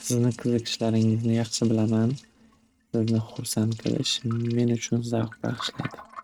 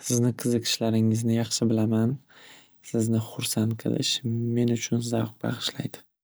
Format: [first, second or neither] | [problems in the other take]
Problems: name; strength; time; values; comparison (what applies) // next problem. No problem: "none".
second | noise reduction (neural mask model RNNoise)